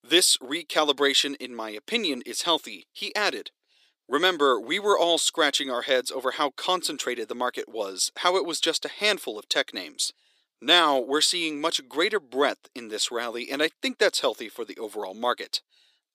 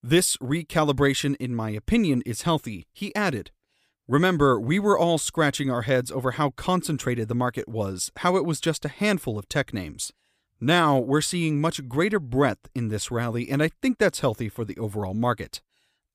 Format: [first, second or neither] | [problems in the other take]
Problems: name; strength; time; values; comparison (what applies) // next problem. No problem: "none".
second | thin; somewhat; fading below 350 Hz